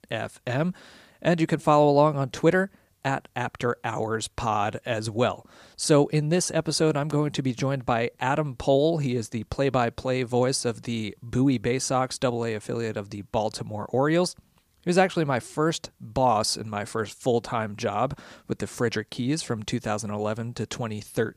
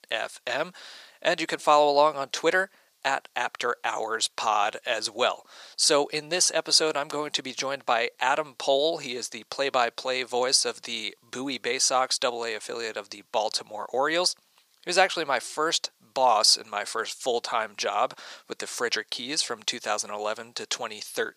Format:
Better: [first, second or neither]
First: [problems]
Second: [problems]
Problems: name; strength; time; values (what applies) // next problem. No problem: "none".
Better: first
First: none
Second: thin; very; fading below 600 Hz